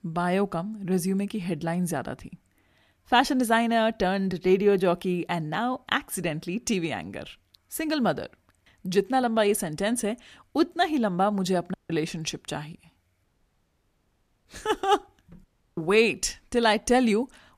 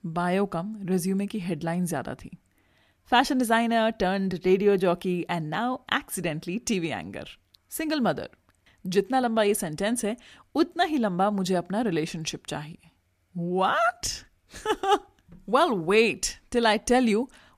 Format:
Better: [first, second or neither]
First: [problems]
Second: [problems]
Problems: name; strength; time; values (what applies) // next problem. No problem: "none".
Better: second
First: audio cutting out; at 12 s, at 13 s for 1 s and at 15 s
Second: none